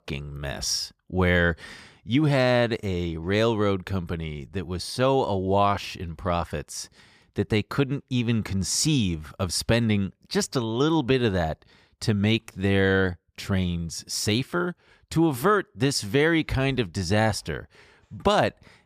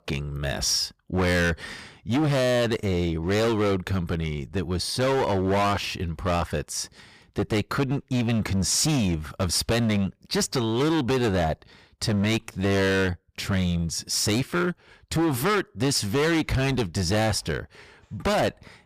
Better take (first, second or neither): first